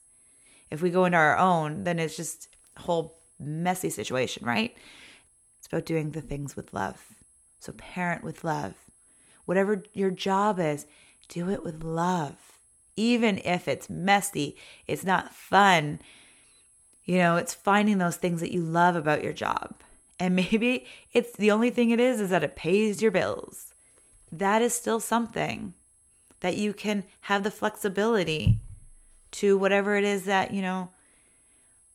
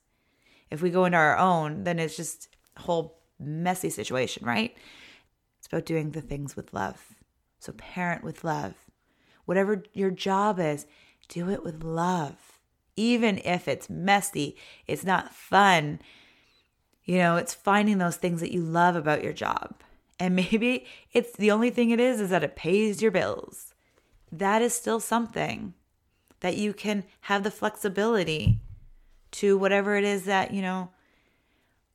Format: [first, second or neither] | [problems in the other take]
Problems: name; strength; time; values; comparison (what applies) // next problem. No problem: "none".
second | high-pitched whine; faint; throughout; 10.5 kHz, 30 dB below the speech